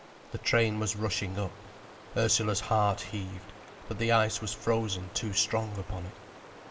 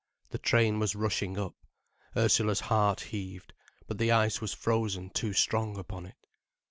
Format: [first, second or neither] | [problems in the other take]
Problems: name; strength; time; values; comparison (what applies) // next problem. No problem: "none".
second | background sound (Stream); 18 dB below the speech // room echo; dies away in 0.4 s